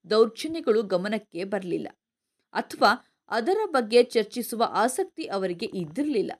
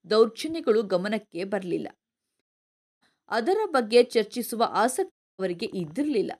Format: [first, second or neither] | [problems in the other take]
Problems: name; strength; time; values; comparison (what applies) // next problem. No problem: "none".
first | audio cutting out; at 2.5 s for 0.5 s and at 5 s